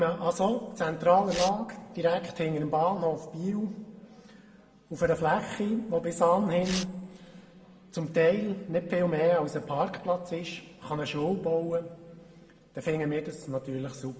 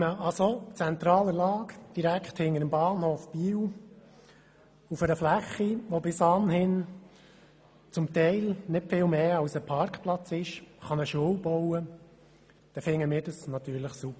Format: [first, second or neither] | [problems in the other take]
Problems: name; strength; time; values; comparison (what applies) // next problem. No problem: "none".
second | background sound (Tearing); 13 dB below the speech // room echo; dies away in 1.2 s